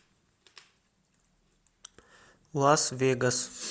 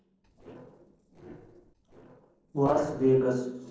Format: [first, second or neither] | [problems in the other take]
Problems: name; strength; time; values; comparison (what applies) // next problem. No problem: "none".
first | noise reduction (neural separator model SepFormer DNS4)